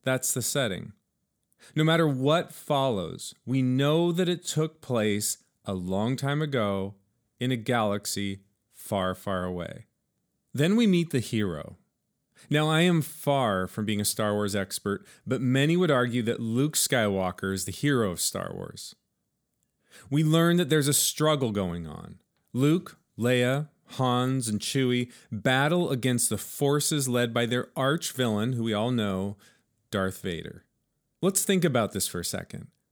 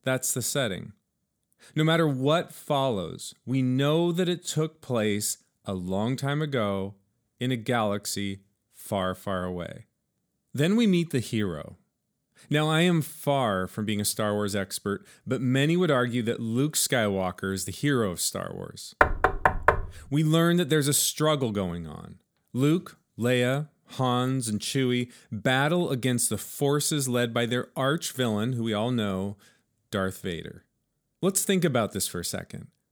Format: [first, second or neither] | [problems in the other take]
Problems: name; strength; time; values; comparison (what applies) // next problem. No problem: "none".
first | door banging; loud; at 19 s; peak 4 dB above the speech